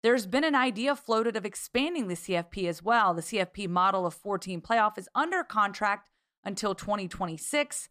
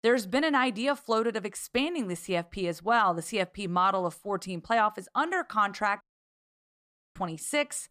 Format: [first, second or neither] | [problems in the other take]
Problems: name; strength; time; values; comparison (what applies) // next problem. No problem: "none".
first | audio cutting out; at 6 s for 1 s